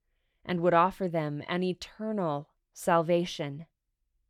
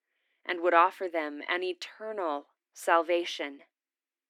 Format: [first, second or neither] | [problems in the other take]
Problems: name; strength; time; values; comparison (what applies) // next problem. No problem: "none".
first | thin; somewhat; fading below 250 Hz